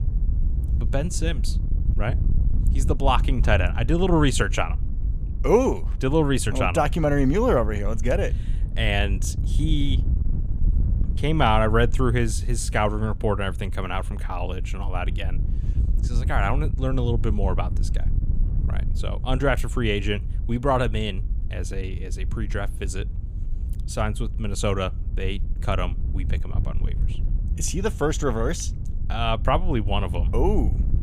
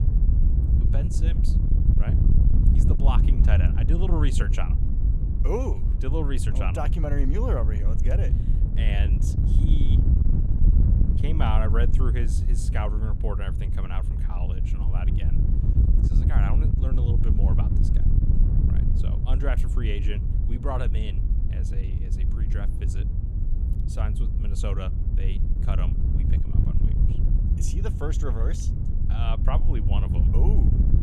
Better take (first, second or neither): first